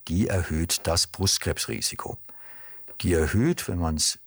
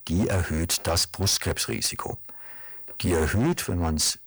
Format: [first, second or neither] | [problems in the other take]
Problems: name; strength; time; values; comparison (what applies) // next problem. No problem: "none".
first | distortion; slight; 10% of the sound clipped